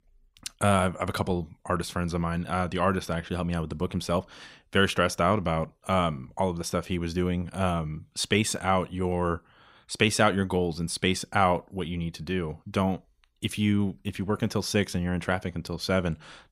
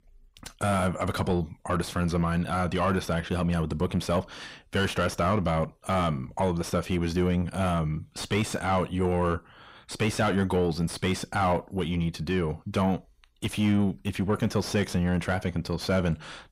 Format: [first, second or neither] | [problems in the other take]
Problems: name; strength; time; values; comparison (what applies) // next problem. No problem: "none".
first | distortion; heavy; 7 dB below the speech